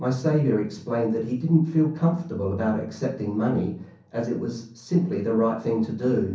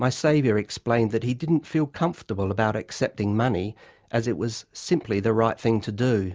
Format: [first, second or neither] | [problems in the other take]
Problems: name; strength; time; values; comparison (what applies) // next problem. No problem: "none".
second | room echo; dies away in 0.6 s